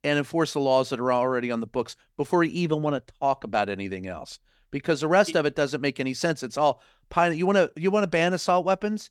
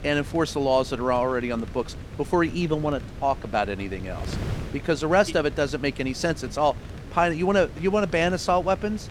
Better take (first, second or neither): first